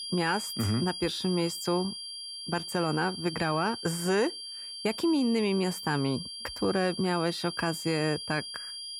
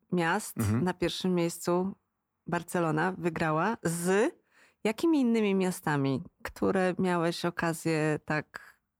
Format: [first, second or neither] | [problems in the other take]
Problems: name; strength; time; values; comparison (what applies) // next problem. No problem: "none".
second | high-pitched whine; loud; throughout; 4.5 kHz, 7 dB below the speech